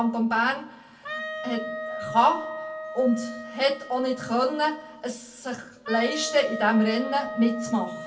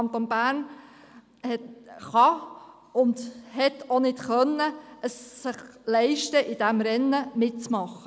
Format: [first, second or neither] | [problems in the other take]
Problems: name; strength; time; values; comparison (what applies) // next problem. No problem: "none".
second | background sound (Wind instrument, woodwind instrument); 10 dB below the speech // room echo; dies away in 0.2 s